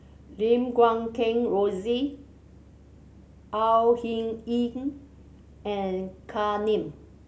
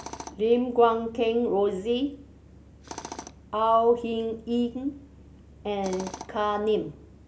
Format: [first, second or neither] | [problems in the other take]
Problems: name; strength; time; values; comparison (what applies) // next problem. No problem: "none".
first | background sound (Tools); 19 dB below the speech